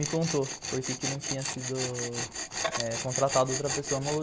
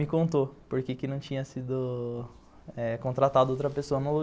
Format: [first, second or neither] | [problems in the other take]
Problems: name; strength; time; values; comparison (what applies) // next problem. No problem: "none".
second | background sound (Tools); 3 dB below the speech